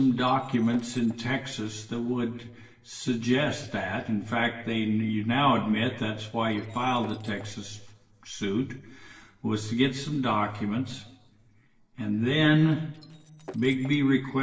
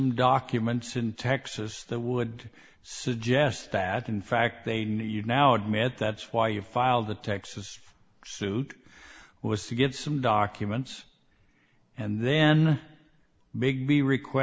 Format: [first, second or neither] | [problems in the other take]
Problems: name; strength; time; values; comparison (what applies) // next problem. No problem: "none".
second | noise reduction (neural separator model SepFormer DNS4)